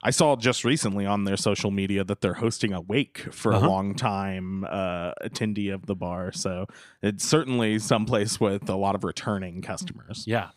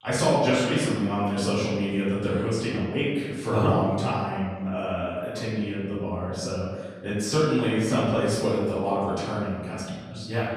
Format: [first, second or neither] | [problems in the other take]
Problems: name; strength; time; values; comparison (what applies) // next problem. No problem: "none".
first | off-mic speech; far // room echo; strong; dies away in 1.3 s